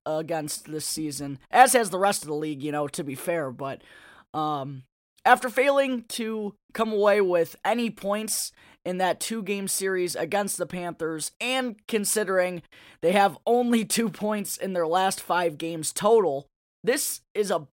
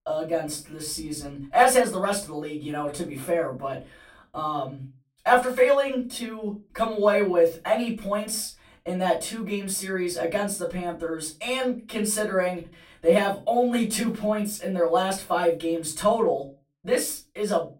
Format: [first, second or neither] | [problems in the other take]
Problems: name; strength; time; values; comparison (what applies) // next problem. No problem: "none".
first | off-mic speech; far // room echo; very slight; dies away in 0.2 s